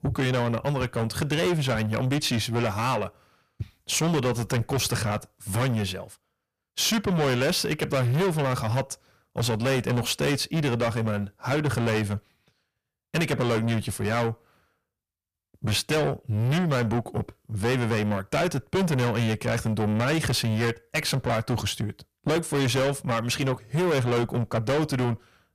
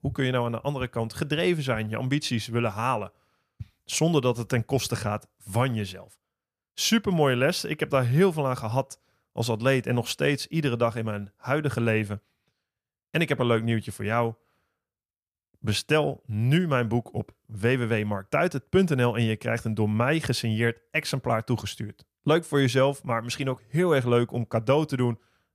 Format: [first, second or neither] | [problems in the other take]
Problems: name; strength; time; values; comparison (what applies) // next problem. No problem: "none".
second | distortion; heavy; 6 dB below the speech